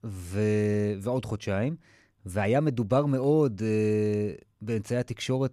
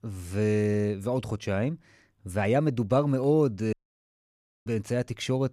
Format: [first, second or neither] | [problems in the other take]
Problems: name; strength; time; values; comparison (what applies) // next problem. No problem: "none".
first | audio cutting out; at 3.5 s for 1 s